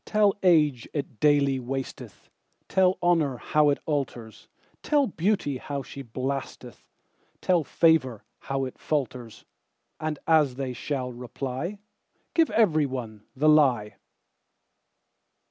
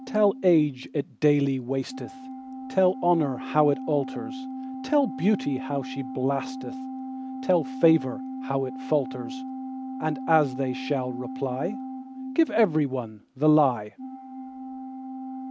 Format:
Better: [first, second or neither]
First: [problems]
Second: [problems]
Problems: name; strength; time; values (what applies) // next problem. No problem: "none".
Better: first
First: none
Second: background sound (Organ); 10 dB below the speech